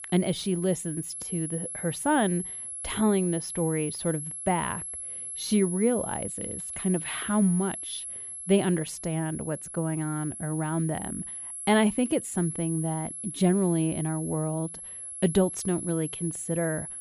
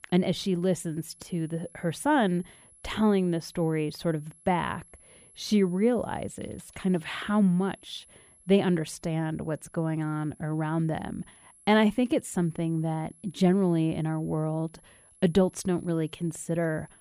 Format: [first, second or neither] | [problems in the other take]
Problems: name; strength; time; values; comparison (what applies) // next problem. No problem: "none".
second | high-pitched whine; loud; throughout; 11 kHz, 7 dB below the speech; faint in the second